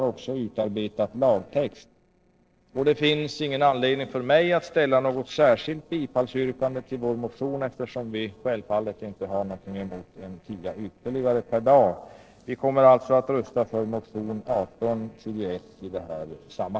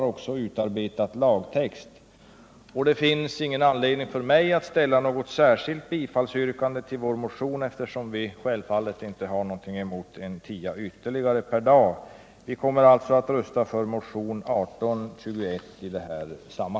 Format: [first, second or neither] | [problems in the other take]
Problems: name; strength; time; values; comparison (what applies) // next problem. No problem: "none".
second | noise reduction (neural separator model SepFormer DNS4)